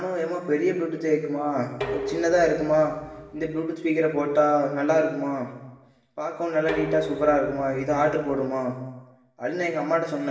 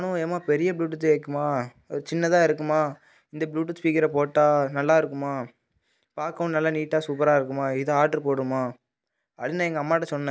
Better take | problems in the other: second | background sound (Dishes, pots, and pans); 12 dB below the speech // room echo; dies away in 1.1 s

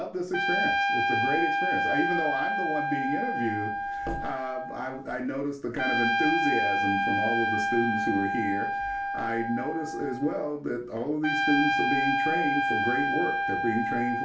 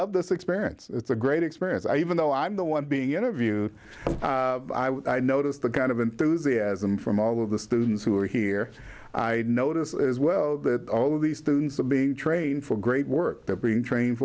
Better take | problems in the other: second | background sound (Trumpet); 3 dB above the speech // room echo; dies away in 0.4 s

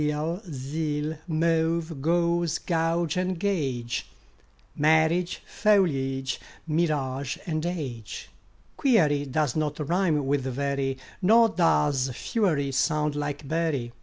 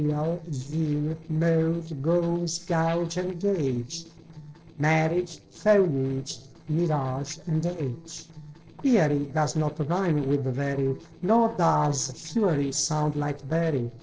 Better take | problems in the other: first | noise reduction (neural separator model SepFormer DNS4)

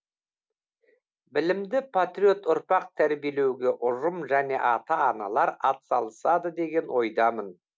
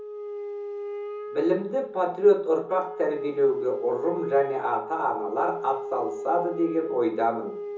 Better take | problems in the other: first | background sound (Wind instrument, woodwind instrument); 9 dB below the speech // room echo; dies away in 0.8 s

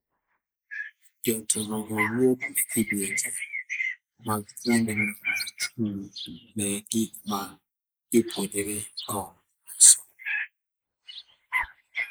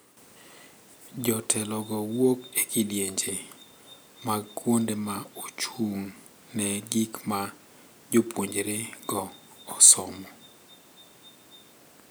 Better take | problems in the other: second | noise reduction (neural mask model Resemble Enhance denoiser)

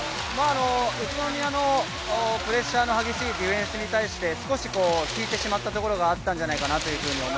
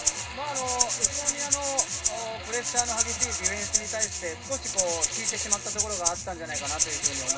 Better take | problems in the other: first | background sound (Rattle (instrument)); 5 dB above the speech // room echo; dies away in 0.2 s

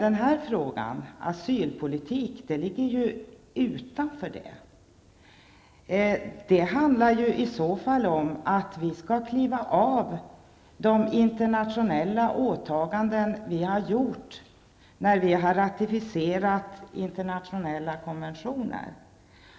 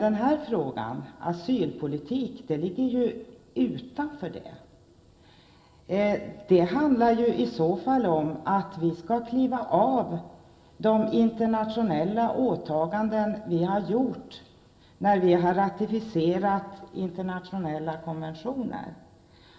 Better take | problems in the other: first | room echo; dies away in 0.5 s

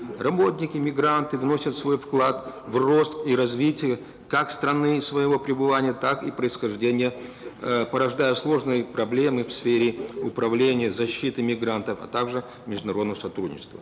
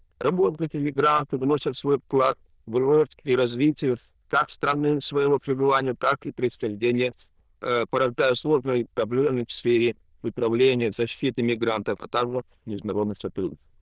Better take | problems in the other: first | noise reduction (neural diffusion model UNIVERSE++)

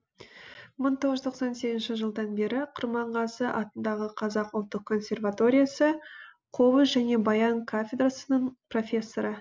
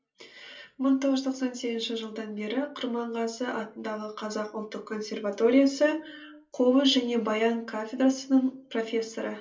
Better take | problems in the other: first | room echo; dies away in 0.3 s

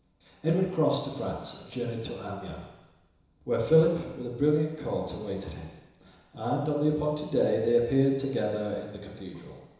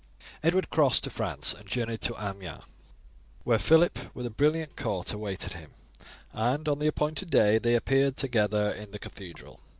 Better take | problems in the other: second | room echo; dies away in 1 s

